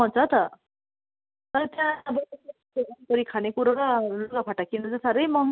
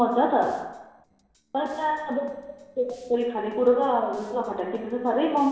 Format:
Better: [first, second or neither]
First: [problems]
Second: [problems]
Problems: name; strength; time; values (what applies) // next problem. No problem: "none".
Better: first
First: none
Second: noise reduction (neural separator model SepFormer DNS4)